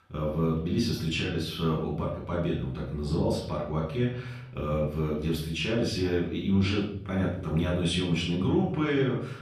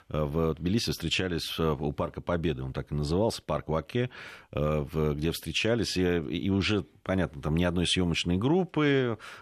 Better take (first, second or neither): second